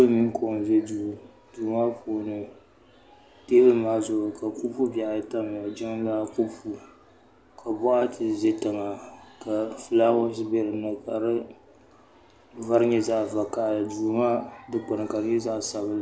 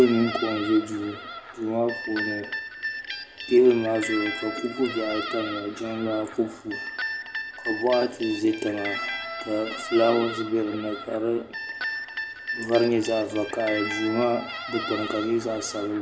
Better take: first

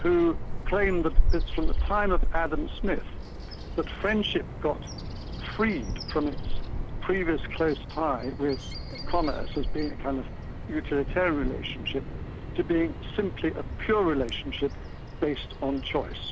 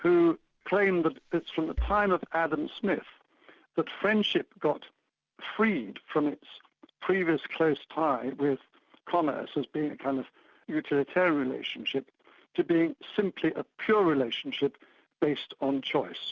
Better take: second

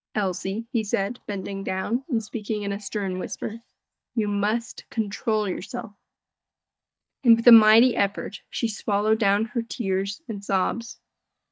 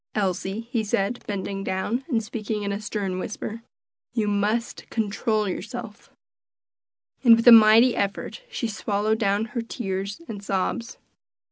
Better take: second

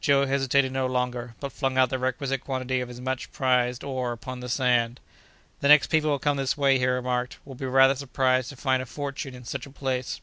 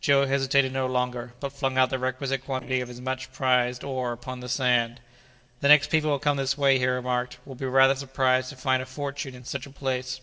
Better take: first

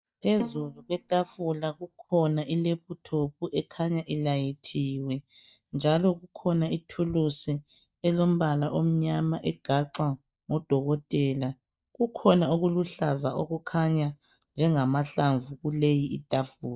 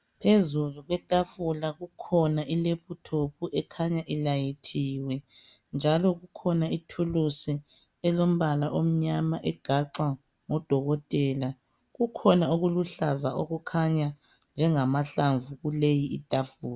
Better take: second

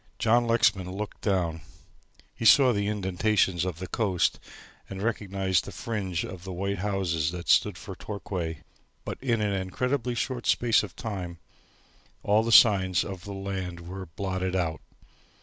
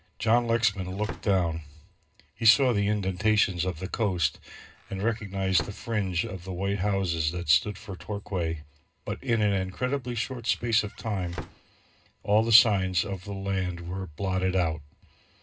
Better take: first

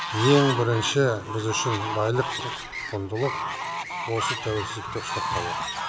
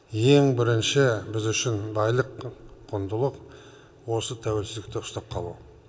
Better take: second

